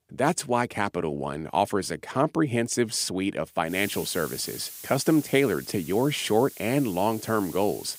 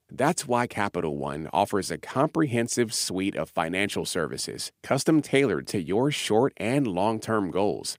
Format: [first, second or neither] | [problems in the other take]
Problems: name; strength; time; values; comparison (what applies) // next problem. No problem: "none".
second | hiss; noticeable; from 3.5 s on; 15 dB below the speech